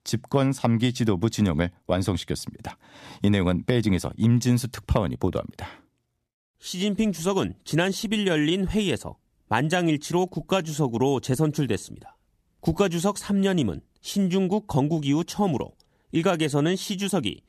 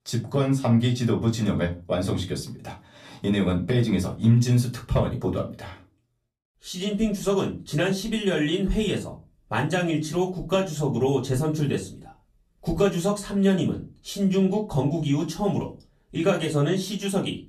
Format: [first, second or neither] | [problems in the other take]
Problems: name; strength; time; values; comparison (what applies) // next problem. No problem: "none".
first | off-mic speech; far // room echo; very slight; dies away in 0.2 s